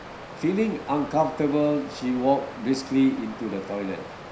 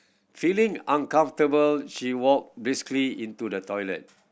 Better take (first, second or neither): second